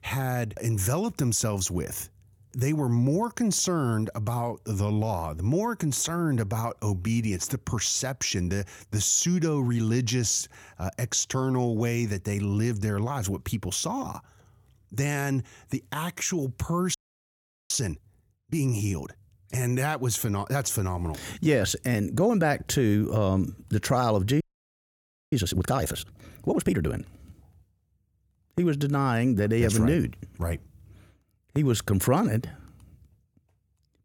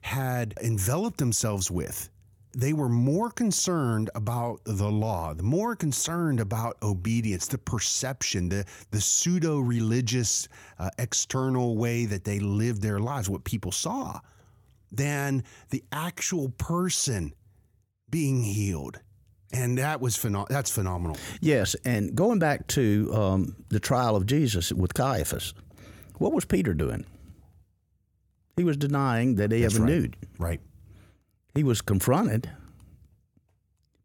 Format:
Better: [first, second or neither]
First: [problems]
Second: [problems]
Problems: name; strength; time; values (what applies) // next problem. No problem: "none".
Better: second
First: audio freezing; at 17 s for 1 s and at 24 s for 1 s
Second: none